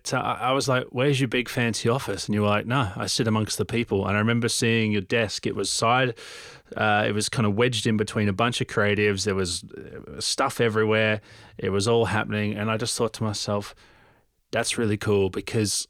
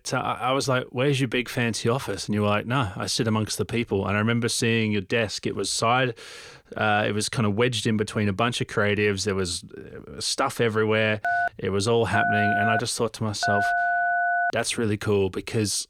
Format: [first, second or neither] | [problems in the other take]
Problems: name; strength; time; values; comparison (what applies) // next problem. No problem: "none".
first | phone ringing; loud; from 11 to 15 s; peak 2 dB above the speech